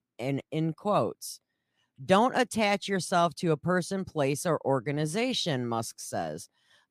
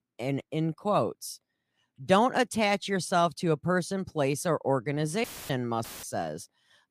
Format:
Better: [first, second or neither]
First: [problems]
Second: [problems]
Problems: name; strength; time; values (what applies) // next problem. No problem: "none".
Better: first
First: none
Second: audio cutting out; filled with static; at 5 s and at 6 s